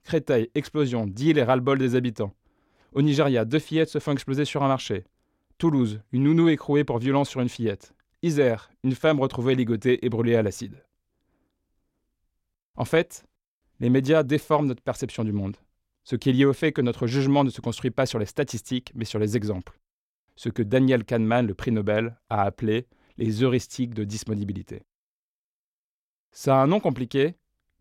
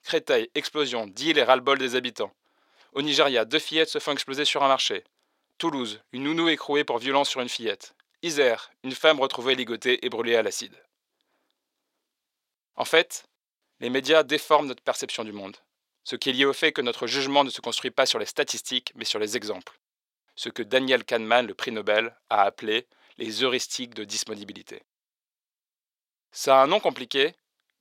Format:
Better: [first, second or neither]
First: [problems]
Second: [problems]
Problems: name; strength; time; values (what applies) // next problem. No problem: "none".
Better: first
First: none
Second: thin; somewhat; fading below 550 Hz